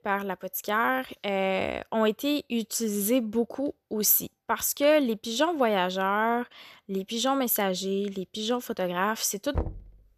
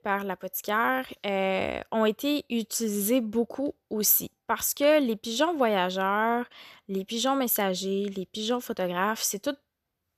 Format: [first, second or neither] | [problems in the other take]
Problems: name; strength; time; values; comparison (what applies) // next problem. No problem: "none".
second | door banging; noticeable; at 9.5 s; peak 7 dB below the speech